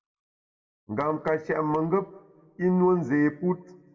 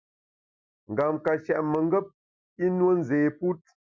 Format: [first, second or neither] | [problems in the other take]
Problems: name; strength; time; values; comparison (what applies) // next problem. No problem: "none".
second | room echo; dies away in 1 s